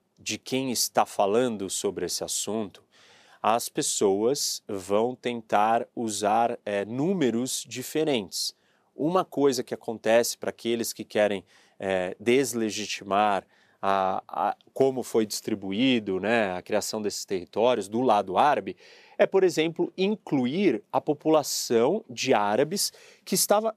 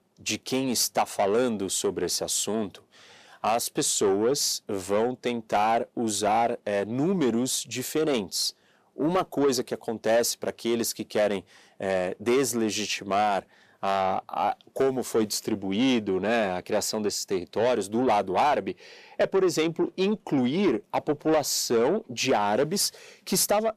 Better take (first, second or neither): first